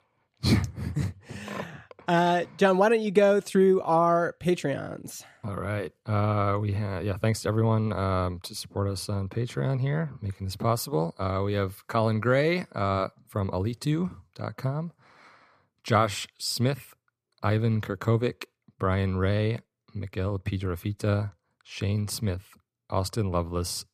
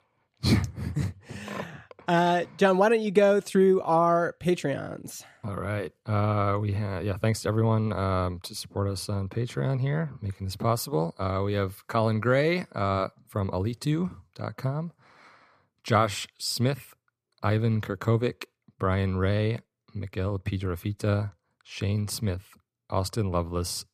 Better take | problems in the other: neither | none

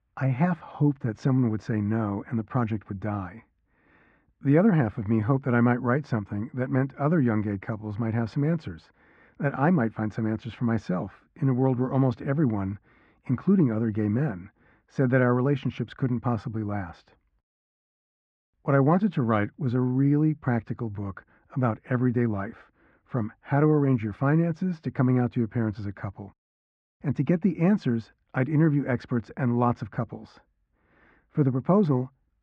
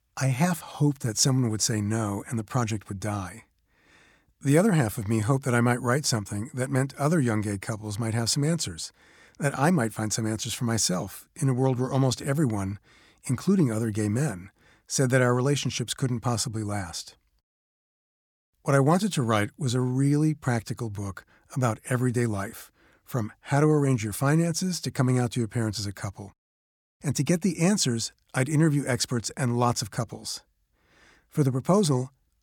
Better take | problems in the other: second | muffled; very; fading above 2 kHz

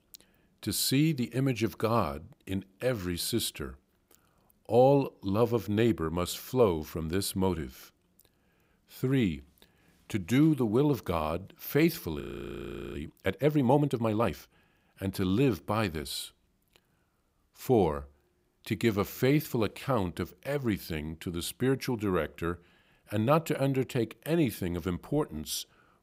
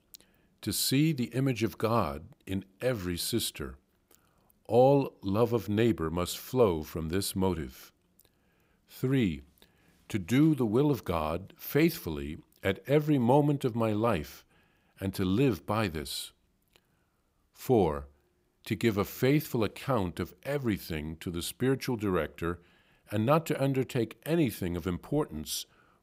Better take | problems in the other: second | audio freezing; at 12 s for 1 s

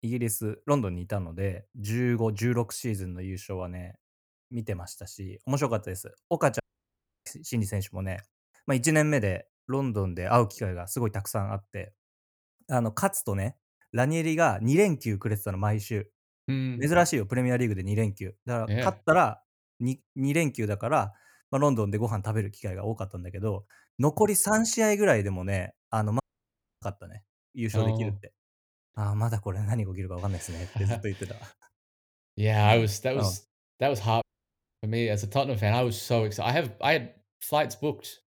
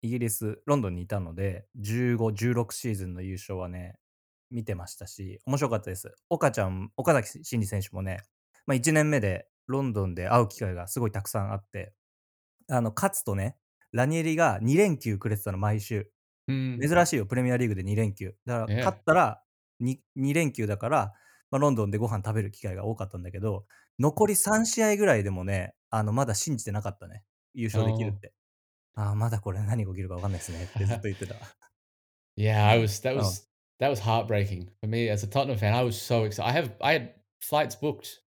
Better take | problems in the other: second | audio cutting out; at 6.5 s for 0.5 s, at 26 s for 0.5 s and at 34 s for 0.5 s

